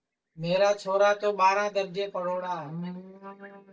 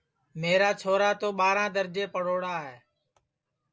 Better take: second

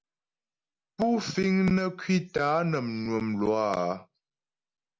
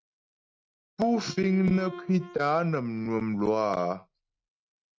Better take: first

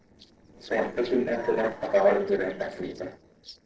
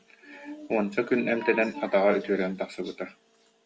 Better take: second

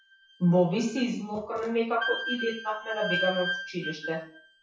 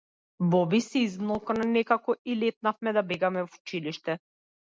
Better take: second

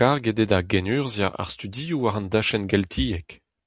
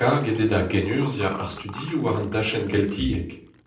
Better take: first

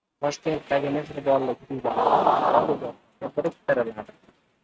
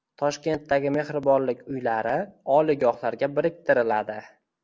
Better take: second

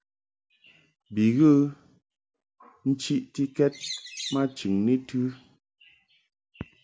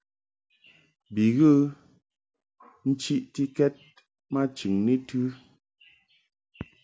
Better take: second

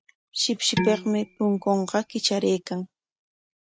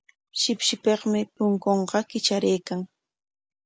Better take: second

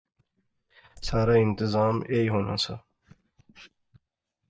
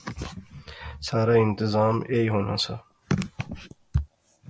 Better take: second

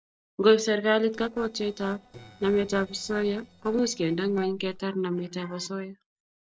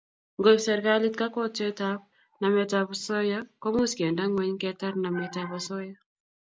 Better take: second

